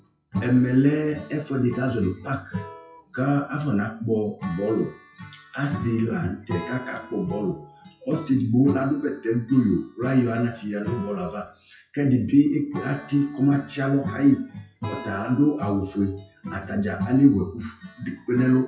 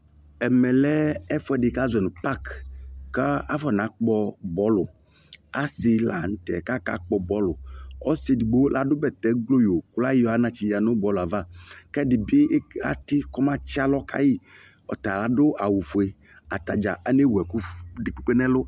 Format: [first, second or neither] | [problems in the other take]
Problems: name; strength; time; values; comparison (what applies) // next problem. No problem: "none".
second | noise reduction (classical method WPE with log-MMSE)